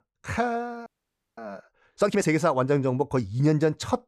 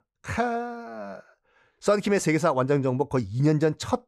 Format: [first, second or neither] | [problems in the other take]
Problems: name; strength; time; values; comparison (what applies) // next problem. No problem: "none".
second | audio freezing; at 1 s for 0.5 s